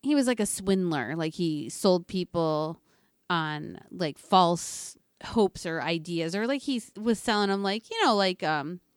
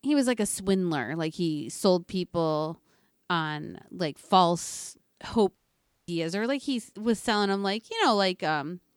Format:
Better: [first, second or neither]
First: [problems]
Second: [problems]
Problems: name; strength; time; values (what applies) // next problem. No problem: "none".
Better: first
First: none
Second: audio cutting out; at 5.5 s for 0.5 s